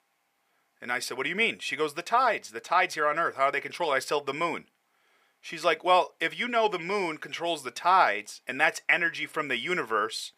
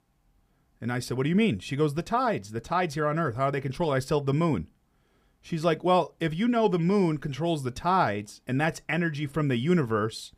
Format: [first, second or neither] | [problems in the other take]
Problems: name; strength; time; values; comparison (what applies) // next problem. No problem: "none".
second | thin; very; fading below 600 Hz